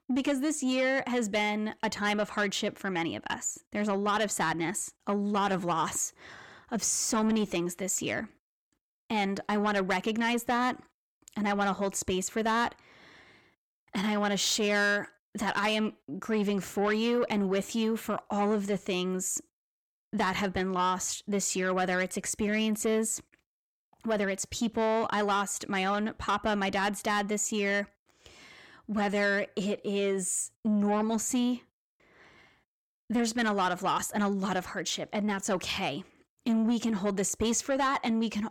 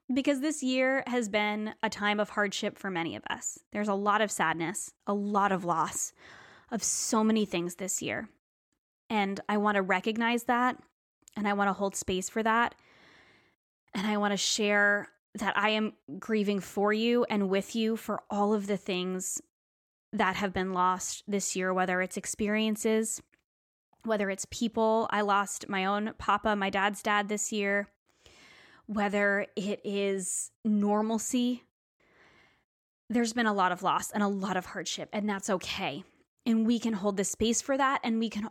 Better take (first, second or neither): second